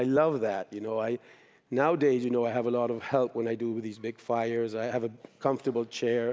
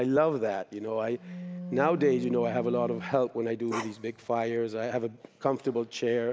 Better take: first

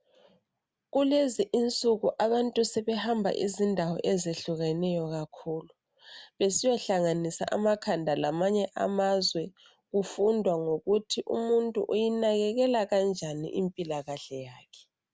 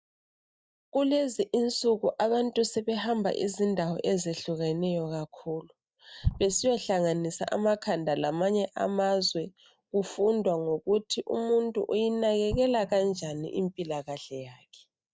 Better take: first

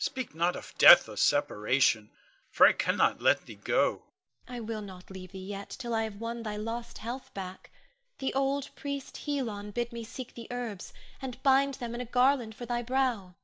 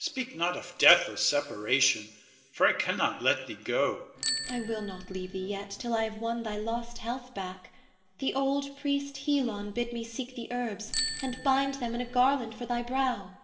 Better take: first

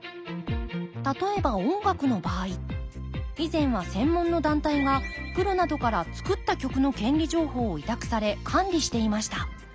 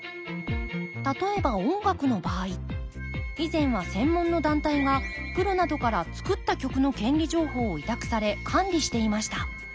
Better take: first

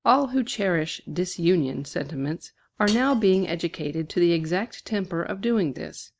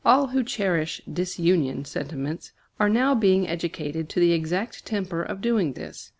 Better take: second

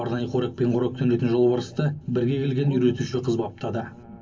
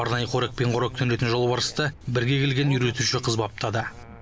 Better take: second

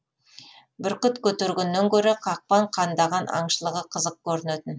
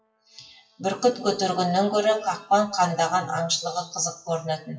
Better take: first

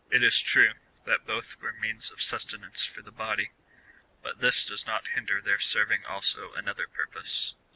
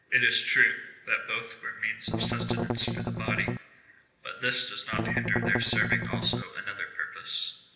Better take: first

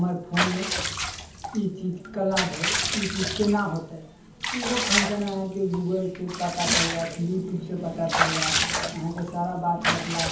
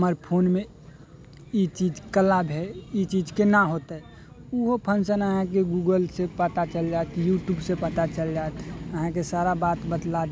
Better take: second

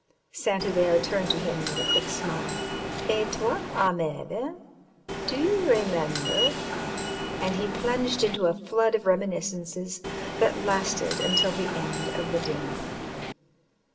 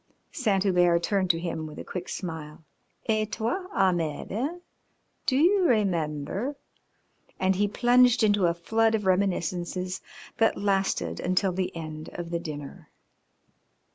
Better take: second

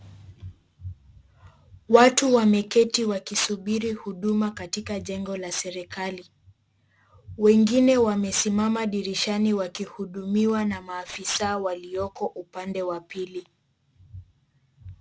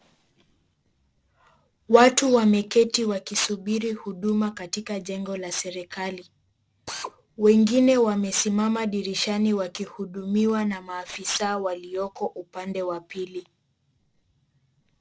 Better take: first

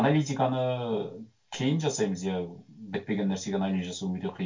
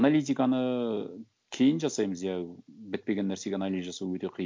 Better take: second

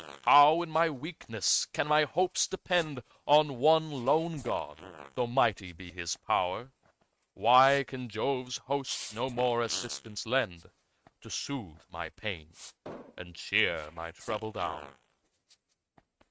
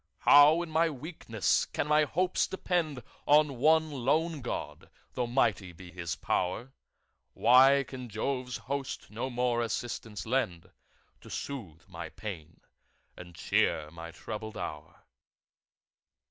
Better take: second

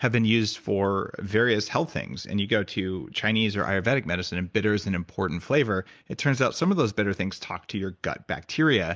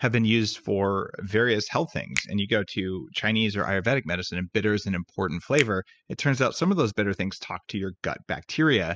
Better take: first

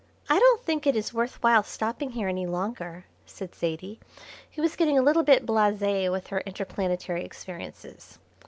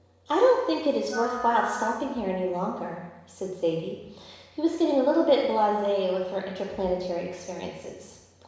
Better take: first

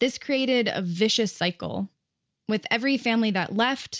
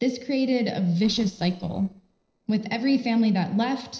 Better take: first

